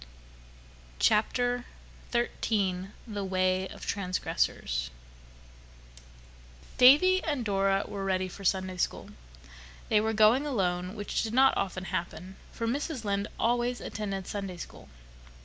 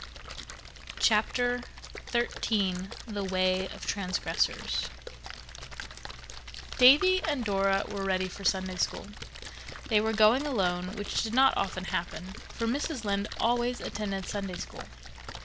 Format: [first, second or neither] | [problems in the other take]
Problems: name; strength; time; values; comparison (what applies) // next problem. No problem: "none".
first | background sound (Splash, splatter); 12 dB below the speech